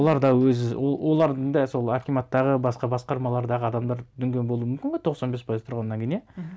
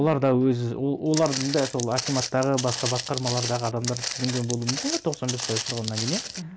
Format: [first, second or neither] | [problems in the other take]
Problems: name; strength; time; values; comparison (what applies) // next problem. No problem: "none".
first | background sound (Walk, footsteps); 6 dB below the speech